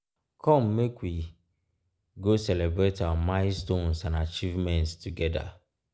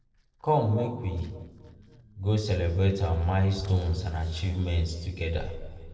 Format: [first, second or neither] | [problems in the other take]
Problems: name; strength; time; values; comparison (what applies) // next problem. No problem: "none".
first | noise reduction (neural separator model SepFormer DNS4)